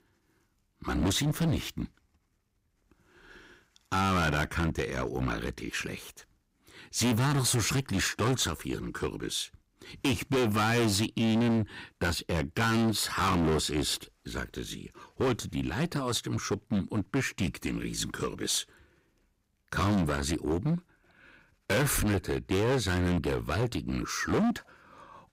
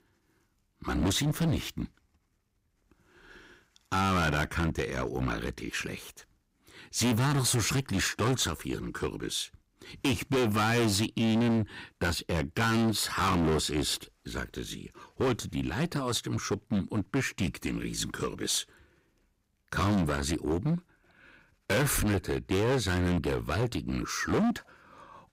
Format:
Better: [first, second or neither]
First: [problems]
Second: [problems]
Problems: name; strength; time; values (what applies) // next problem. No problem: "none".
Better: neither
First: distortion; heavy; 12% of the sound clipped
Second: distortion; heavy; 12% of the sound clipped